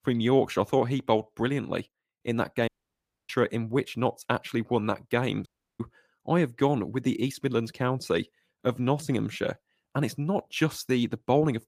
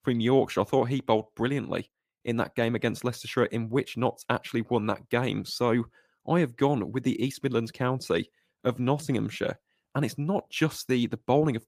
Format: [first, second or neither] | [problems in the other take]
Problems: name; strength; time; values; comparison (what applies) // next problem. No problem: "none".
second | audio cutting out; at 2.5 s for 0.5 s and at 5.5 s